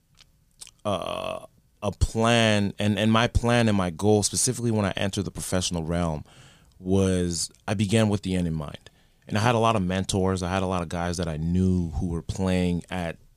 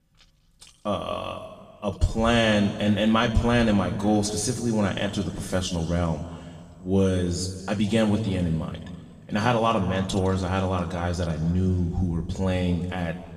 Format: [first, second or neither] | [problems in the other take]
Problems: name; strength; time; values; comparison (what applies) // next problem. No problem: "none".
first | room echo; slight; dies away in 1.9 s // off-mic speech; somewhat distant